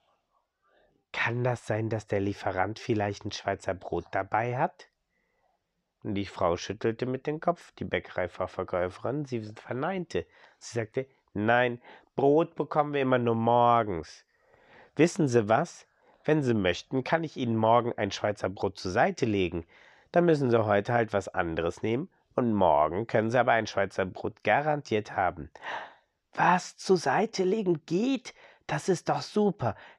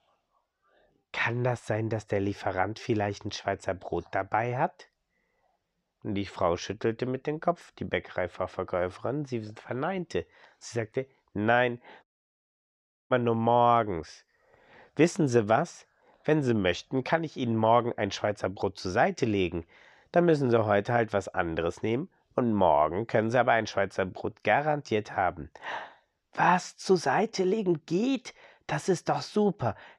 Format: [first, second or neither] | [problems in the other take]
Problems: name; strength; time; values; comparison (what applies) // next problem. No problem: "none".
first | audio cutting out; at 12 s for 1 s